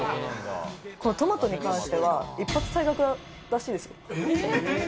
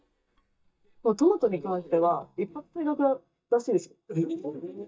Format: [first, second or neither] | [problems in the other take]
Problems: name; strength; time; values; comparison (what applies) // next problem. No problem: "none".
first | noise reduction (neural mask model DeepFilterNet 3)